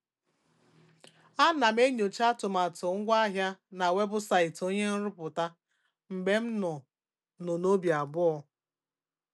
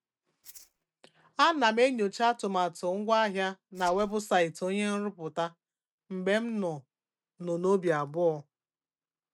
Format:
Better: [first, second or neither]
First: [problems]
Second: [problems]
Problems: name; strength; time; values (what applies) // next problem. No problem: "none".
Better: first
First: none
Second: noise reduction (neural mask model RNNoise)